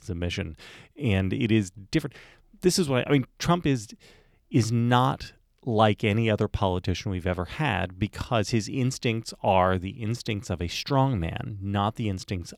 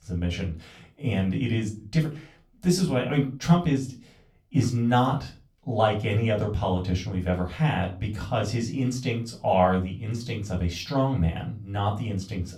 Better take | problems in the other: first | off-mic speech; far // room echo; very slight; dies away in 0.3 s

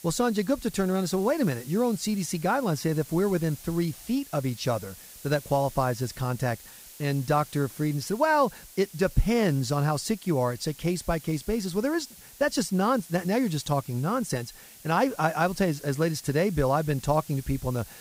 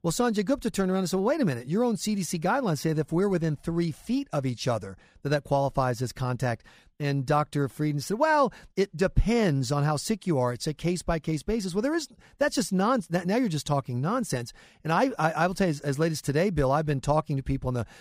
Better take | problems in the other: second | hiss; noticeable; throughout; 20 dB below the speech

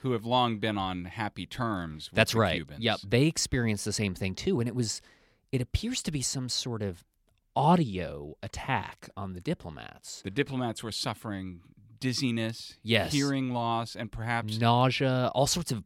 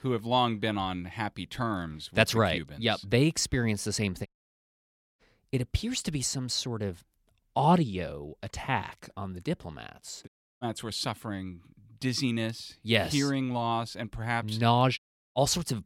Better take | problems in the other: first | audio cutting out; at 4.5 s for 1 s, at 10 s and at 15 s

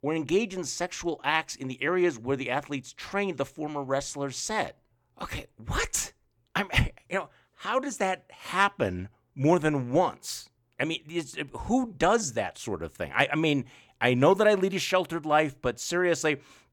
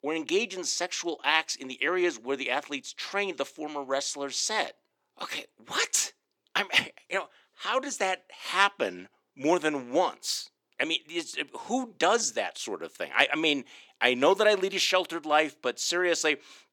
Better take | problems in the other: first | thin; very slightly; fading below 300 Hz

